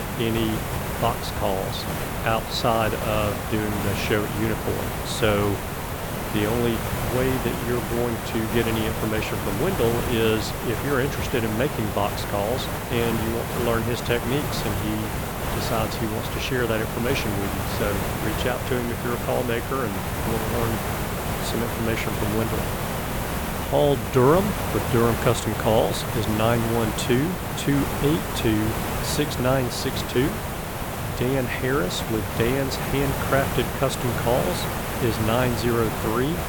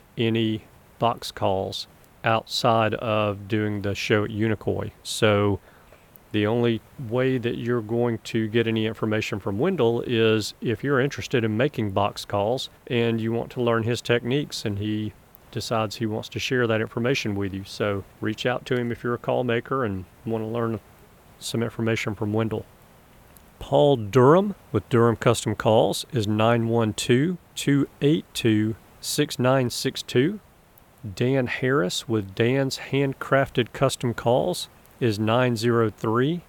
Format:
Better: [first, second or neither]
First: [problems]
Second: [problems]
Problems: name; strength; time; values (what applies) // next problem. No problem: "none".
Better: second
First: hiss; loud; throughout; 2 dB below the speech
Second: hiss; faint; throughout; 30 dB below the speech